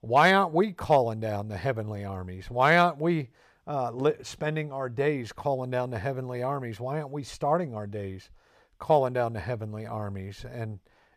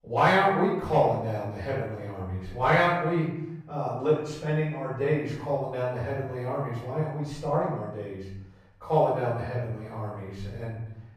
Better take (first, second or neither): first